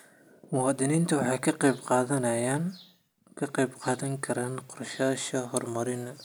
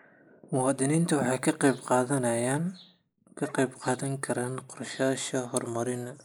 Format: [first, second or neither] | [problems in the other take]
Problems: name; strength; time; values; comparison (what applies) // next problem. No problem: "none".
first | noise reduction (neural mask model Resemble Enhance denoiser)